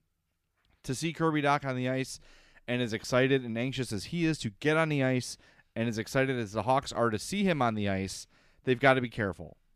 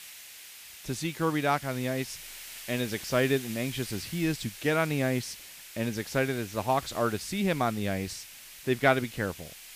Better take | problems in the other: first | hiss; noticeable; throughout; 15 dB below the speech

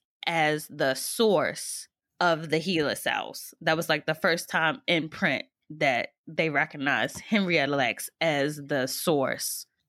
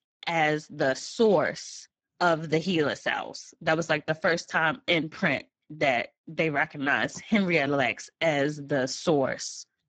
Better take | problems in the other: first | garbled, watery; badly; nothing above 7.5 kHz

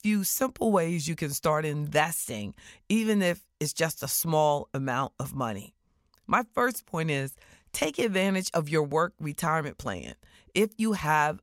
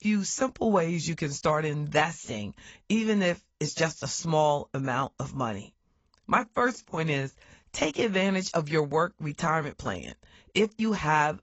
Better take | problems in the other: first | garbled, watery; badly; nothing above 7.5 kHz

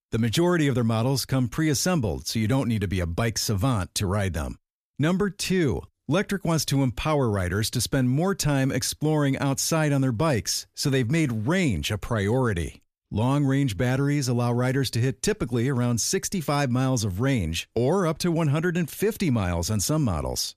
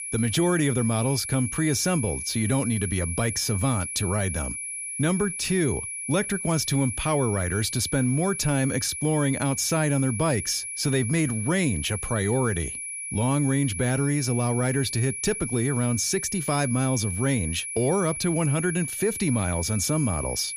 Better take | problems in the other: first | high-pitched whine; loud; throughout; 10.5 kHz, 5 dB below the speech

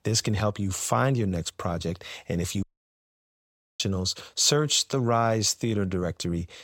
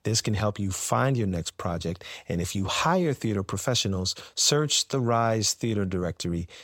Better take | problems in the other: second | audio cutting out; at 2.5 s for 1 s

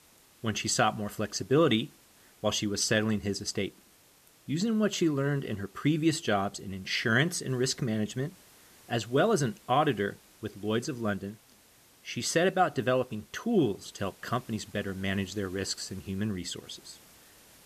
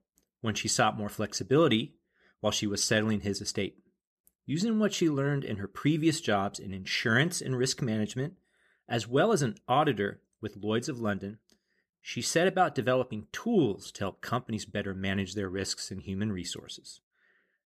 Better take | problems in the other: second | hiss; faint; throughout; 25 dB below the speech

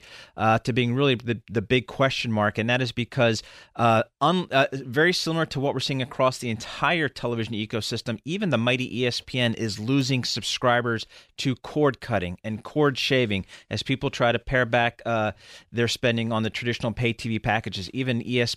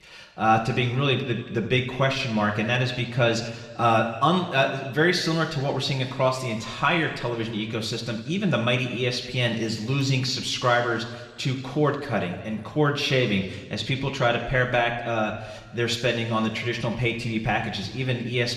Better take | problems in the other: first | room echo; slight; dies away in 1.6 s

